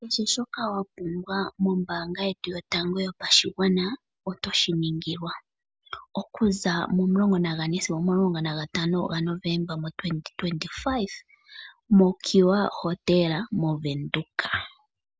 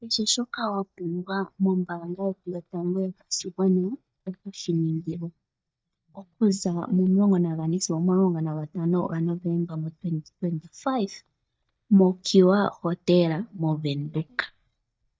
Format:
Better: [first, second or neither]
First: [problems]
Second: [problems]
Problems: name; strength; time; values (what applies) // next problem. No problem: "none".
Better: first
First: none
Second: noise reduction (neural mask model DeepFilterNet 3)